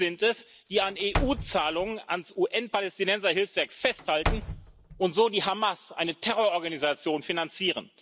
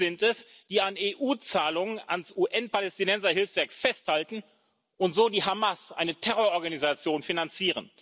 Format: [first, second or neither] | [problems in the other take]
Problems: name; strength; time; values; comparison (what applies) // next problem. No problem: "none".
second | background sound (Slam / Wood); 7 dB below the speech